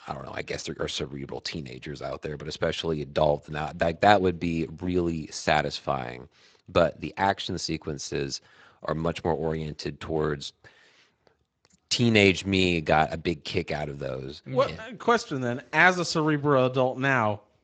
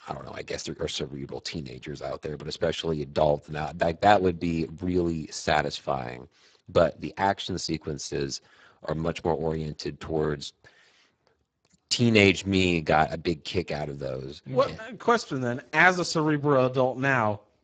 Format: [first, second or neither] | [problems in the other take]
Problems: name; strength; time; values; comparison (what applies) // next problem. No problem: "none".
first | garbled, watery; badly; nothing above 7.5 kHz; slightly in the first